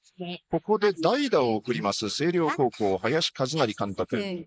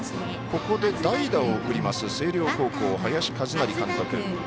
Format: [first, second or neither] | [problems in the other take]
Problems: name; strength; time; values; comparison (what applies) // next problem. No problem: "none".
second | noise reduction (neural mask model Resemble Enhance denoiser)